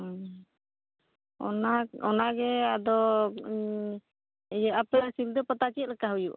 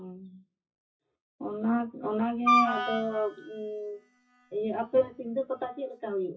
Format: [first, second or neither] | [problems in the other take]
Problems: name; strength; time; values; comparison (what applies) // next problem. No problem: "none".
first | noise reduction (classical method WPE with log-MMSE)